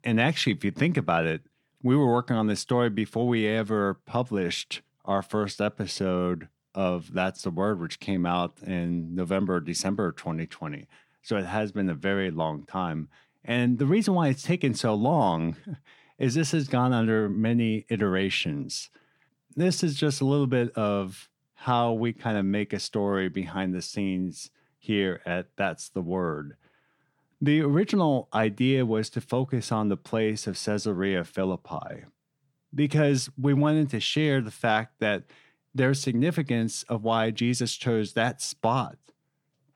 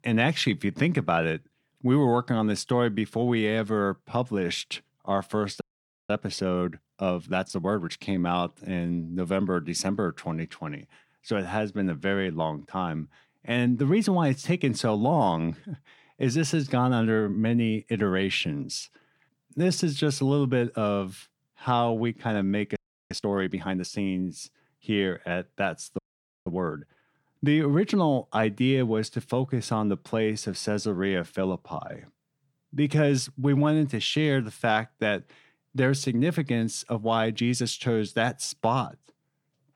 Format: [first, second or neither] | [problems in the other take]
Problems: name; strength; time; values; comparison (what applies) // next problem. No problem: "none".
first | audio freezing; at 5.5 s, at 23 s and at 26 s